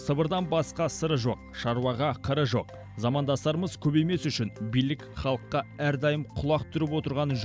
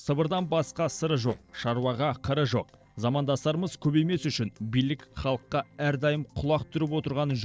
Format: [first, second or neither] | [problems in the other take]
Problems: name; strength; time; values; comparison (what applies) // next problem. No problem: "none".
first | noise reduction (neural separator model SepFormer DNS4)